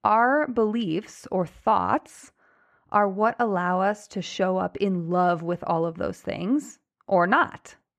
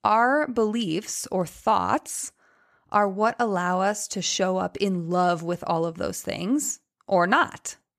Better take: second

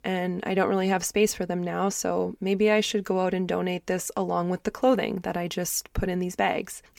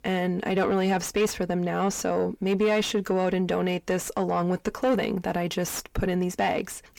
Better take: first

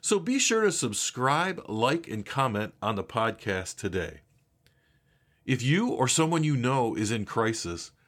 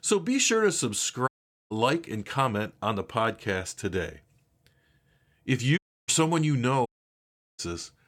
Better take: first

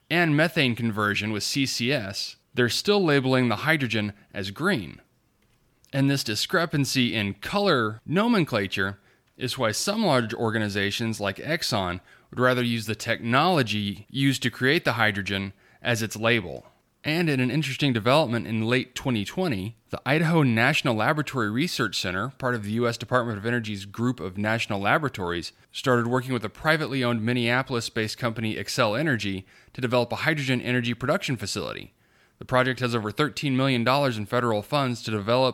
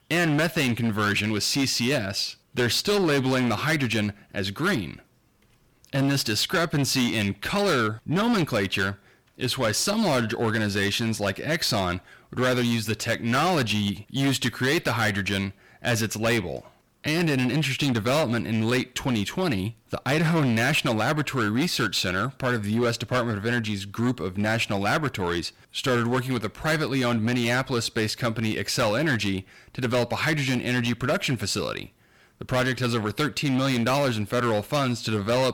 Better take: first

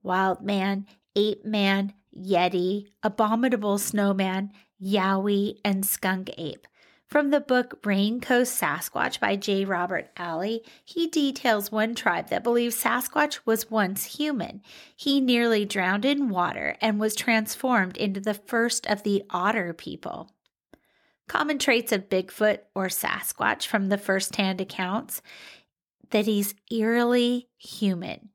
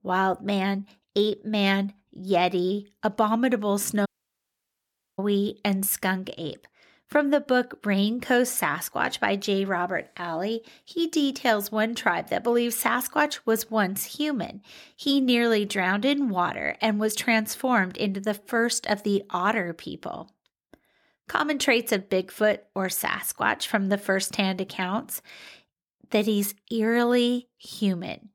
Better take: first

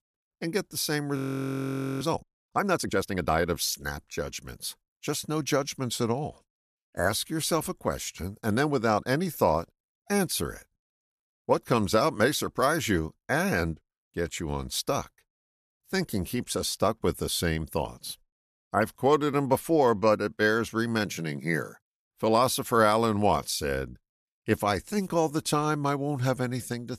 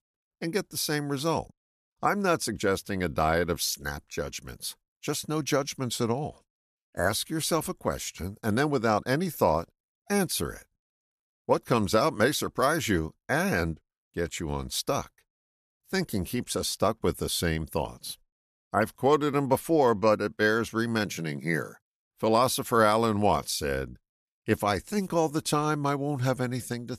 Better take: second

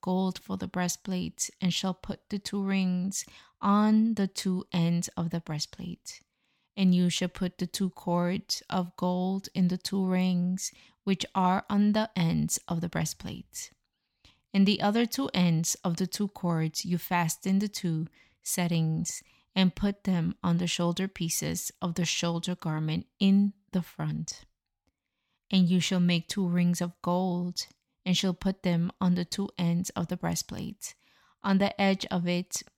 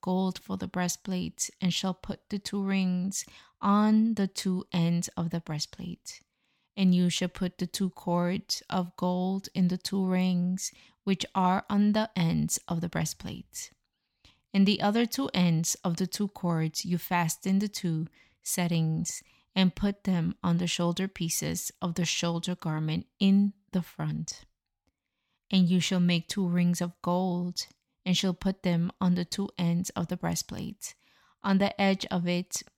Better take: neither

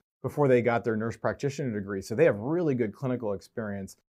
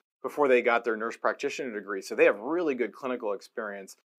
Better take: first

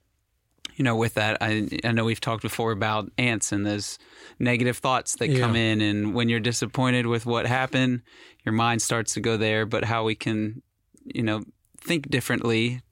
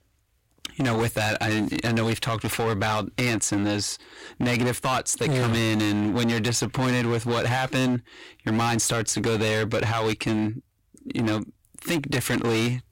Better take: first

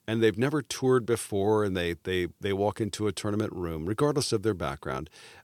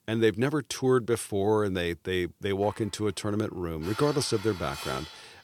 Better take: first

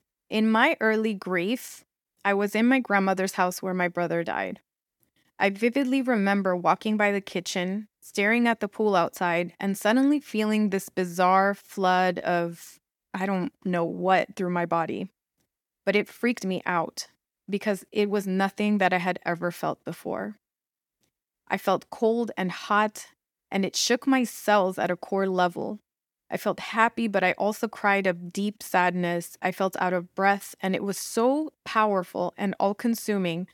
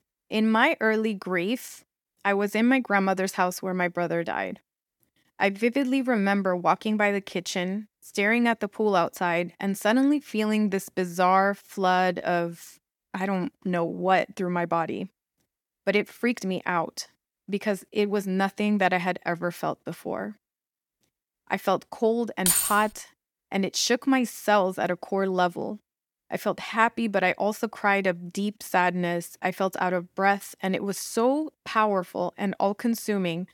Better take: first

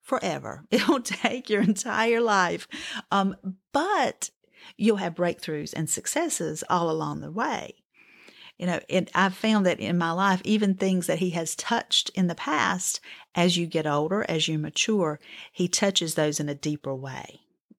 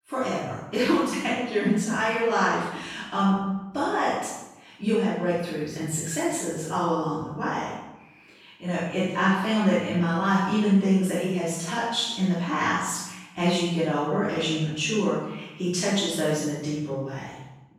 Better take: first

